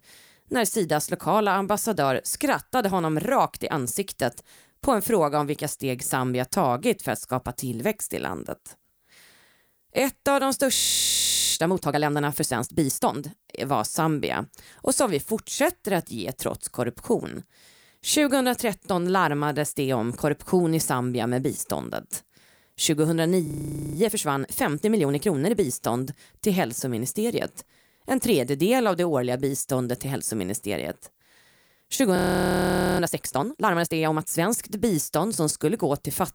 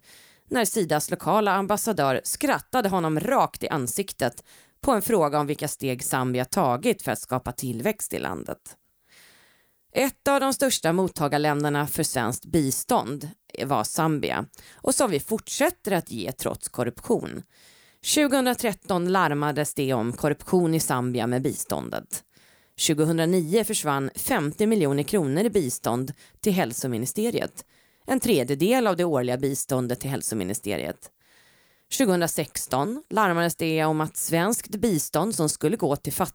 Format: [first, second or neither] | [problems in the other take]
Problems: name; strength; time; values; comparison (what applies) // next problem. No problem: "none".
second | audio freezing; at 11 s for 1 s, at 23 s and at 32 s for 1 s